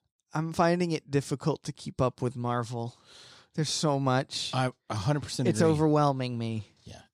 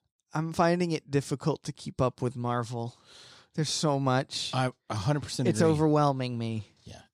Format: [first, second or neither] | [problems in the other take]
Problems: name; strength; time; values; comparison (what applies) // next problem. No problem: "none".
neither | none